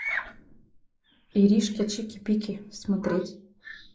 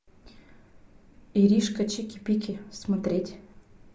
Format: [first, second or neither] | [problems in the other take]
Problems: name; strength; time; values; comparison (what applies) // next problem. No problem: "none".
second | noise reduction (neural mask model Resemble Enhance denoiser)